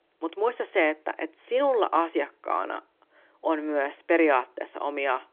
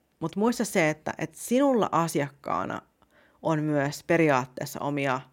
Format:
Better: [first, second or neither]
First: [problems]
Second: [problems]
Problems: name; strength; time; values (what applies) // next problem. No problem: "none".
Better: second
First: phone-call audio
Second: none